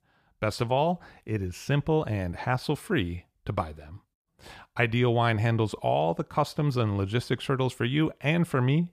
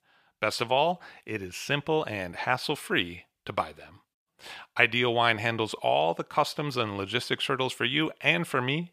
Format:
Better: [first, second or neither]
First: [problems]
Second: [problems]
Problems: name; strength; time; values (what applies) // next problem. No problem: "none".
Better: first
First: none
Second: thin; somewhat; fading below 1 kHz